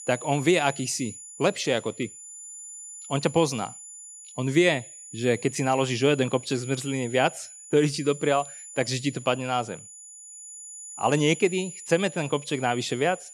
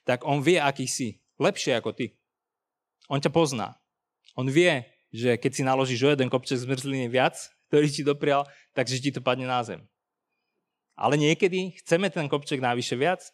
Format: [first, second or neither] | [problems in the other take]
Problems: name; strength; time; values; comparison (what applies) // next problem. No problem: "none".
second | high-pitched whine; noticeable; throughout; 7 kHz, 15 dB below the speech